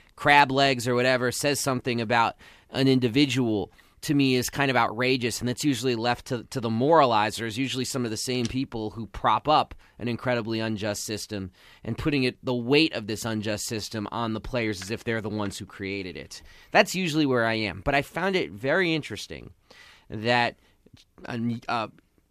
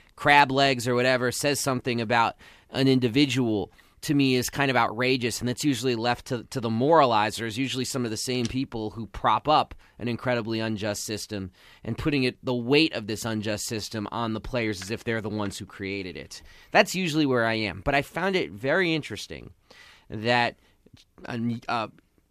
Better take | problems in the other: neither | none

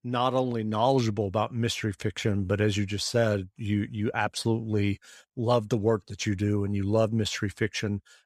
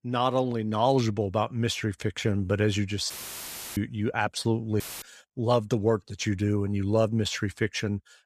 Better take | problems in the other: first | audio cutting out; filled with static; at 3 s for 0.5 s and at 5 s

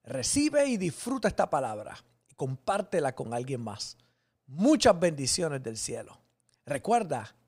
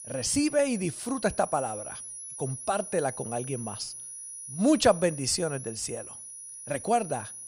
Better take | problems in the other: first | high-pitched whine; noticeable; throughout; 10.5 kHz, 10 dB below the speech

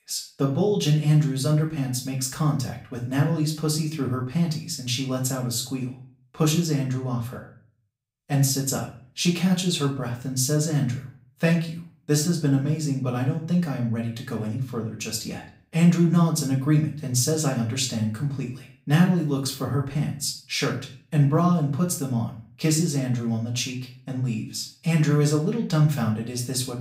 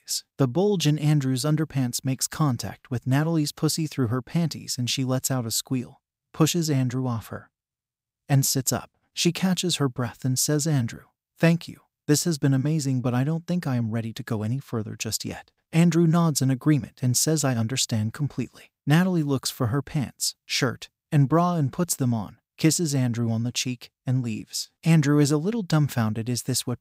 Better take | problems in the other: second | room echo; slight; dies away in 0.4 s // off-mic speech; far

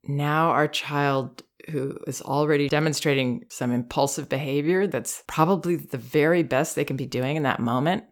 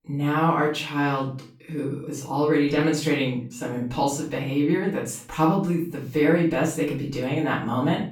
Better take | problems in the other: first | off-mic speech; far // room echo; slight; dies away in 0.4 s

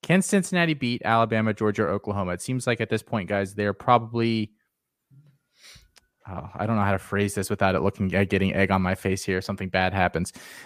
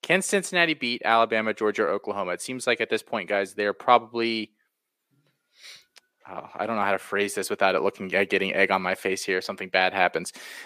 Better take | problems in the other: first | thin; somewhat; fading below 400 Hz

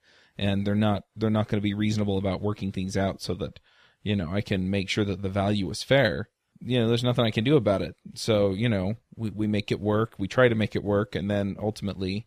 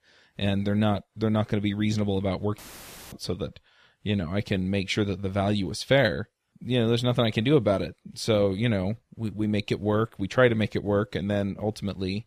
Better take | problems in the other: first | audio cutting out; filled with static; at 2.5 s for 0.5 s

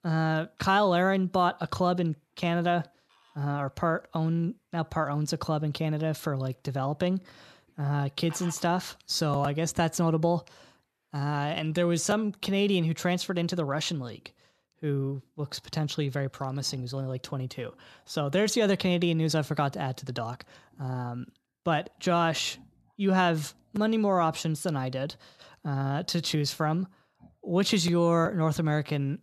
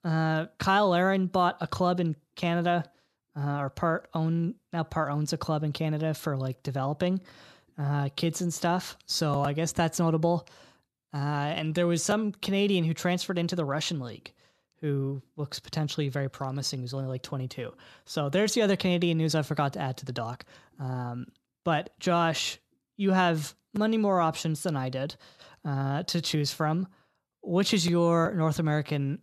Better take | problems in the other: second | animal sounds; faint; throughout; 30 dB below the speech

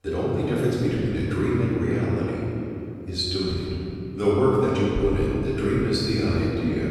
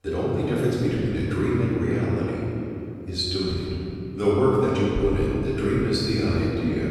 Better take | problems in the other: neither | room echo; strong; dies away in 2.9 s; the same in both // off-mic speech; far; the same in both

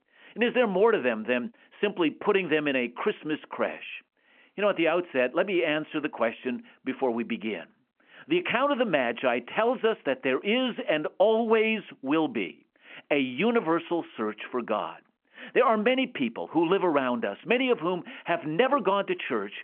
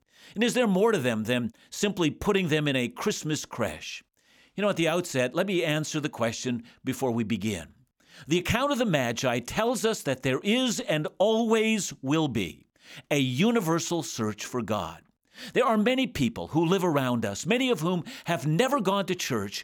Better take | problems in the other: second | phone-call audio

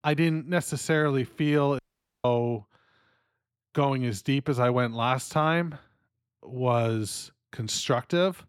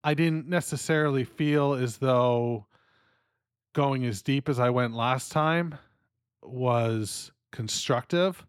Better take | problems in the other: second | audio cutting out; at 2 s

